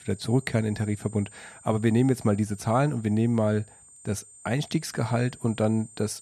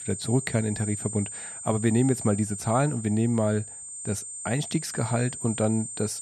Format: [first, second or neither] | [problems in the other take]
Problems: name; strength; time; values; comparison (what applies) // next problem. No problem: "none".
first | high-pitched whine; loud; throughout; 8.5 kHz, 7 dB below the speech; faint in the first